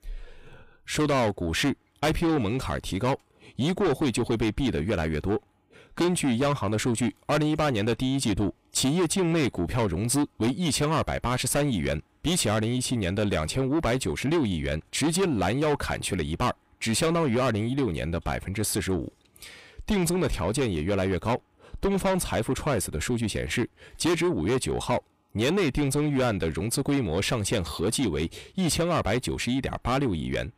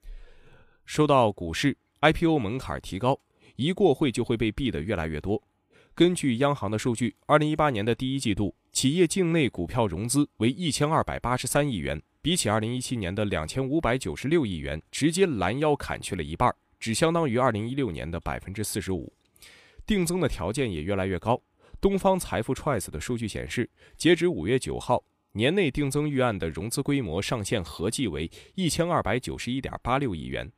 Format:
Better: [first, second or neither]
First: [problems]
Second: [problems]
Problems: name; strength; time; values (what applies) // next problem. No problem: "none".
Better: second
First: distortion; heavy; 7 dB below the speech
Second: none